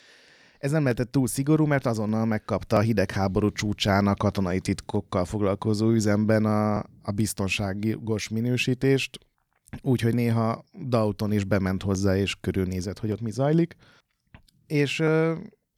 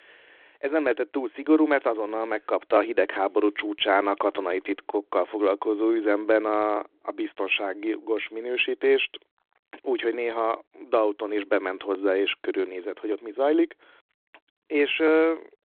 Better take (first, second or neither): first